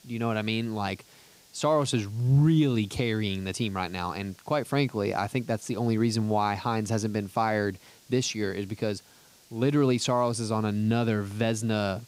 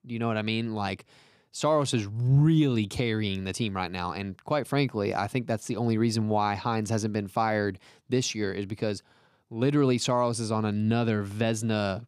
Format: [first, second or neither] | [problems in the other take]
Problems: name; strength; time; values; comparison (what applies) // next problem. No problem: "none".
second | hiss; faint; throughout; 25 dB below the speech